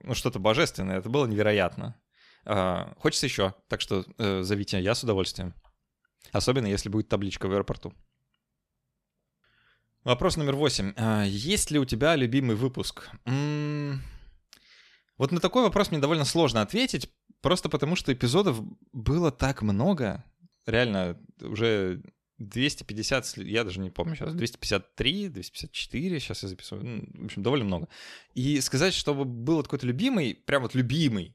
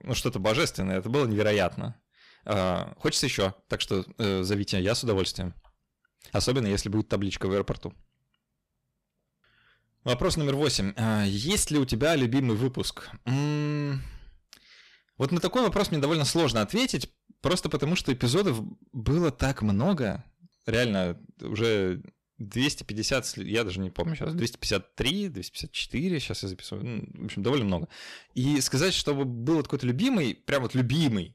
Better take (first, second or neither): first